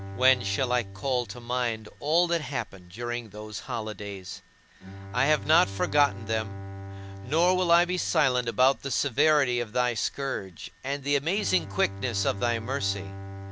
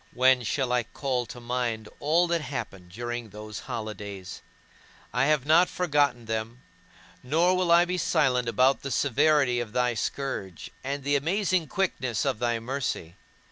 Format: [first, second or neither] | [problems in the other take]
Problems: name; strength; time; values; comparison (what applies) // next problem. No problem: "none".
second | background sound (Bowed string instrument); 12 dB below the speech